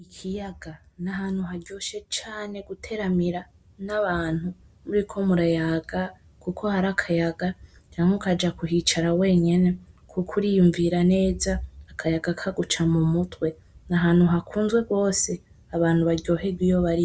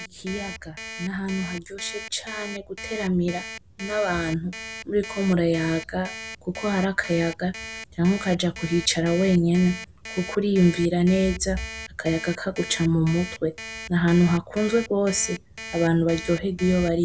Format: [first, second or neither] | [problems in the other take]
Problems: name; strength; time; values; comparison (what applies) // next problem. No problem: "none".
first | background sound (Alarm); 14 dB below the speech